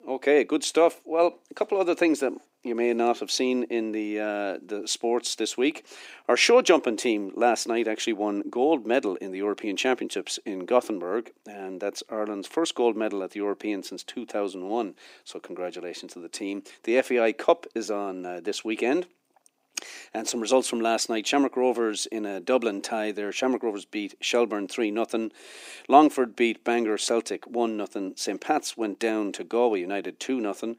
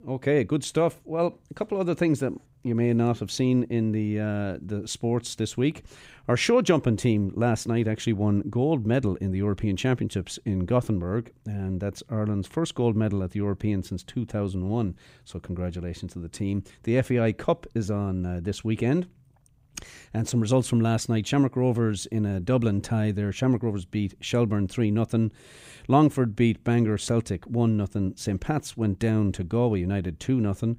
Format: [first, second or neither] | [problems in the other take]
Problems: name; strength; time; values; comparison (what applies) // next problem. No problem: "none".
second | thin; somewhat; fading below 300 Hz